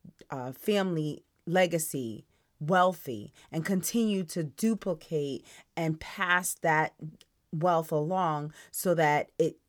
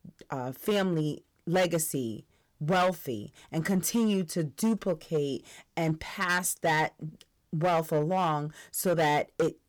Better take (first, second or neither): first